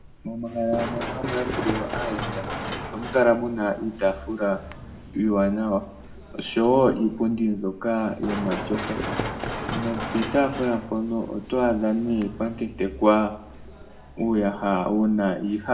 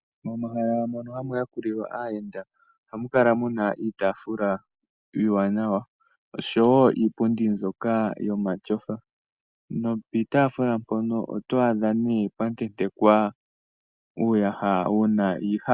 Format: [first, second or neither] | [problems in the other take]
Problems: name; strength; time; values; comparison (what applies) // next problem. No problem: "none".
second | background sound (Run); 9 dB below the speech // room echo; dies away in 0.5 s